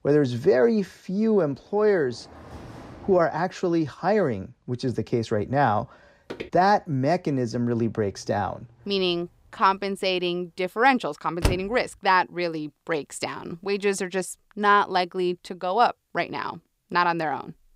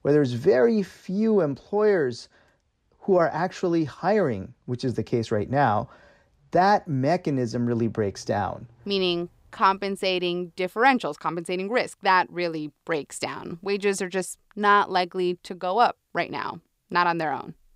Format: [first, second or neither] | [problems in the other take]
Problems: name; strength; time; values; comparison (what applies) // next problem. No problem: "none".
second | door banging; faint; from 1.5 to 3 s; peak 15 dB below the speech // footsteps; faint; at 6.5 s; peak 15 dB below the speech // door banging; noticeable; at 11 s; peak 3 dB below the speech